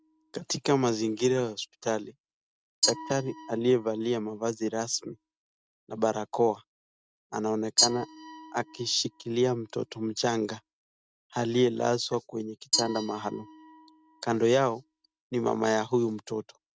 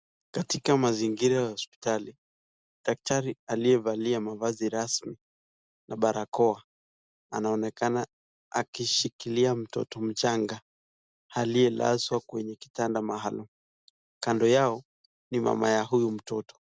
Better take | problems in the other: second | noise reduction (neural mask model RNNoise)

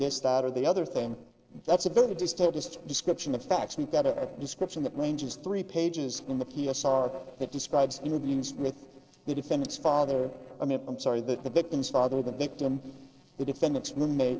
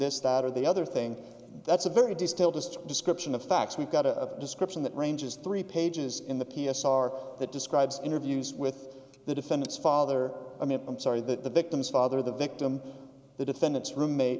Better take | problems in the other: second | noise reduction (neural separator model SepFormer DNS4)

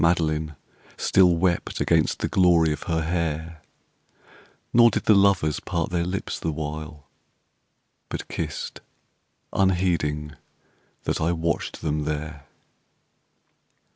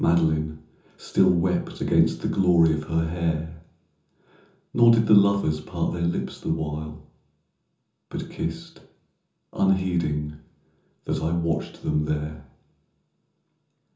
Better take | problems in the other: first | room echo; dies away in 0.6 s

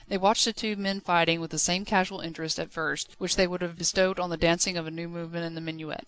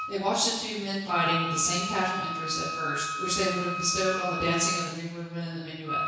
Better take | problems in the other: first | background sound (Wind instrument, woodwind instrument); 4 dB below the speech // room echo; dies away in 1.1 s

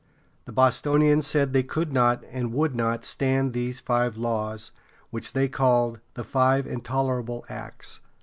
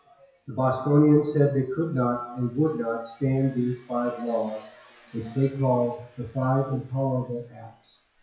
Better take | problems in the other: first | noise reduction (classical method WPE with log-MMSE)

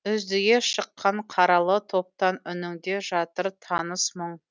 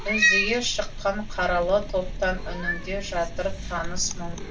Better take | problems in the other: first | background sound (Cat); as loud as the speech // room echo; dies away in 0.2 s

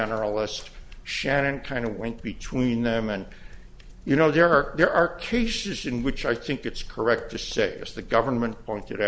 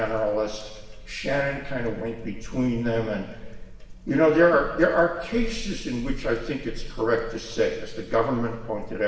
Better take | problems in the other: first | room echo; dies away in 1.3 s

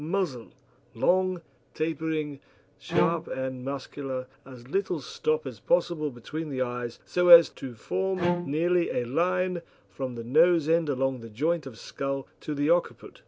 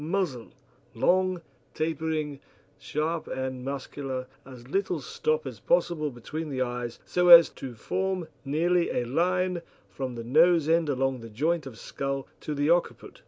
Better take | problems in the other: second | background sound (Bowed string instrument); 5 dB below the speech

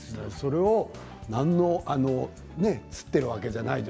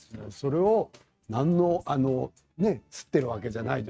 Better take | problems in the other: first | noise reduction (neural mask model RNNoise)

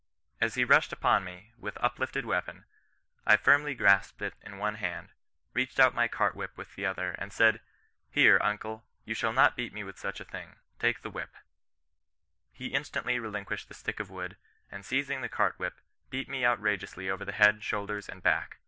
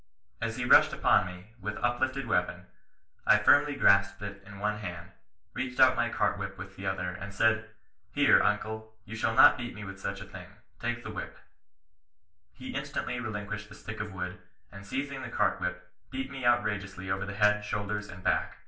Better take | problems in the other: first | room echo; dies away in 0.3 s

